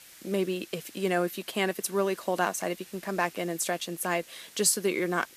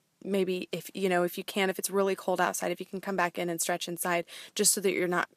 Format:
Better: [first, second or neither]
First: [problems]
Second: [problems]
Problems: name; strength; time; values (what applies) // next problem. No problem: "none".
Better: second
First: hiss; faint; throughout; 20 dB below the speech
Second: none